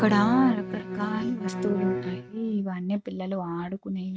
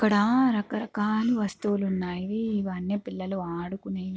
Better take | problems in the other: second | noise reduction (neural mask model RNNoise)

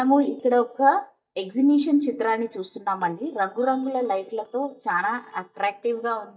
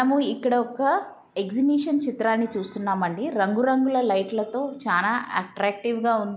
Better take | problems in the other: second | noise reduction (neural mask model DeepFilterNet 3)

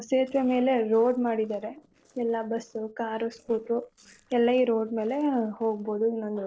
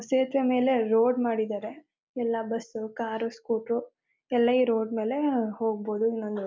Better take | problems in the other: second | noise reduction (neural separator model SepFormer DNS4)

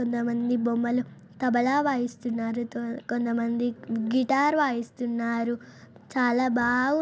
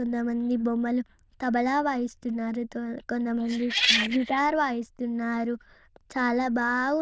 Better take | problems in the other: first | noise reduction (neural diffusion model UNIVERSE++)

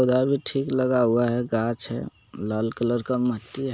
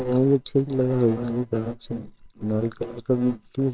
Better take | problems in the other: first | noise reduction (neural separator model SepFormer WHAMR!)

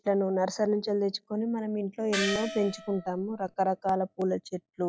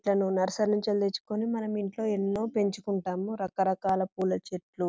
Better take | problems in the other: second | noise reduction (classical method log-MMSE)

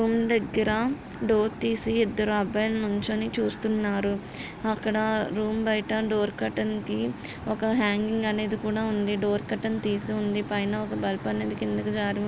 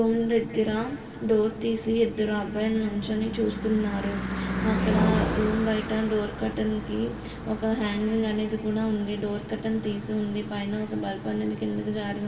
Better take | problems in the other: first | background sound (Car passing by / Engine / Truck); 7 dB below the speech // room echo; dies away in 2.4 s

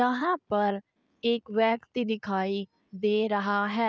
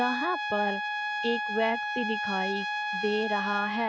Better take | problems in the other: first | background sound (Trumpet); 1 dB below the speech

